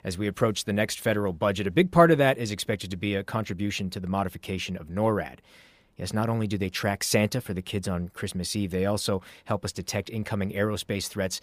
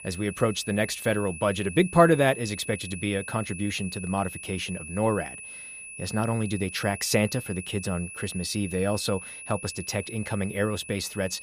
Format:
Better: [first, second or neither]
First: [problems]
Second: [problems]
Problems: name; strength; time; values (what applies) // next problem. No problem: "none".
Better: first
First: none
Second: high-pitched whine; noticeable; throughout; 2.5 kHz, 10 dB below the speech